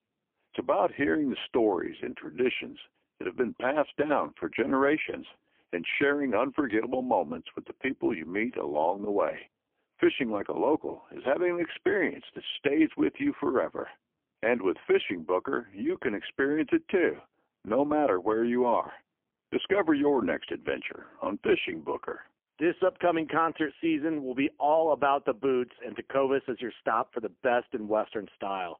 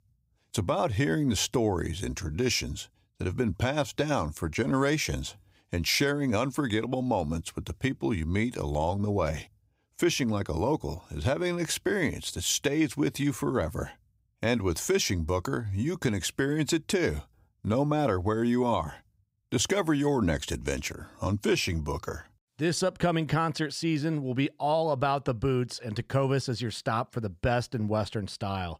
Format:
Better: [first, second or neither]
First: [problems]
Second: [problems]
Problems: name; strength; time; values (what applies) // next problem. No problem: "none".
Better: second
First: phone-call audio; poor line; nothing above 3.5 kHz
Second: none